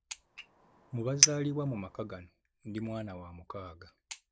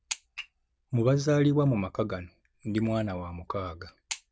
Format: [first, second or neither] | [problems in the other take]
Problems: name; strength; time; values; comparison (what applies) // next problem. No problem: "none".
second | background sound (Chink, clink); 5 dB above the speech